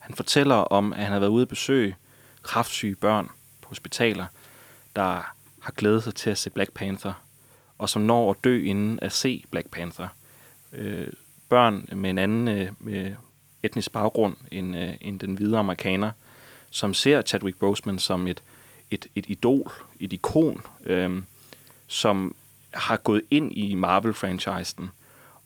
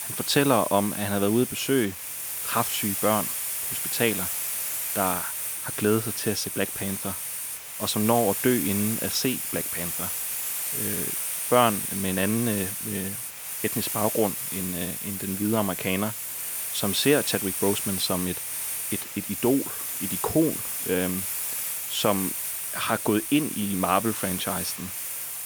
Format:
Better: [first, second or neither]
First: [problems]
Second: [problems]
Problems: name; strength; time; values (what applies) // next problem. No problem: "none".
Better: first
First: hiss; faint; throughout; 30 dB below the speech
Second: hiss; loud; throughout; 2 dB below the speech